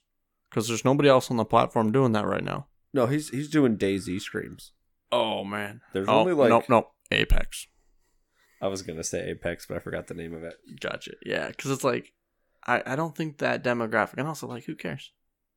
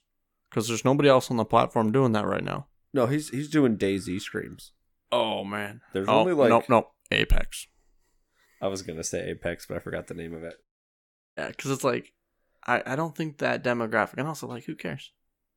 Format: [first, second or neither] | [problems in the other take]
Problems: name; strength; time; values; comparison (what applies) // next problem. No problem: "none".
first | audio cutting out; at 11 s for 0.5 s